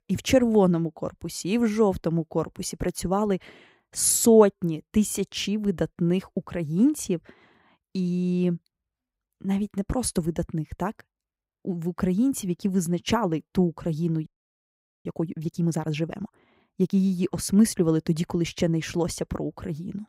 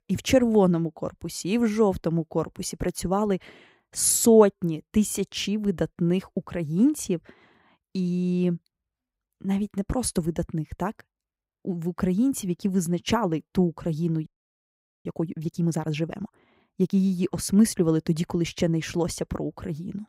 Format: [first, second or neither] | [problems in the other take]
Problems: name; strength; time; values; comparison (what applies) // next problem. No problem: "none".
neither | audio freezing; at 14 s for 1 s; the same in both